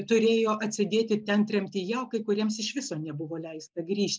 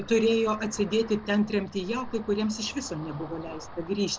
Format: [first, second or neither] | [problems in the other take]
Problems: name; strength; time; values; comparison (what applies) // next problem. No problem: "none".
first | background sound (Ocean); 15 dB below the speech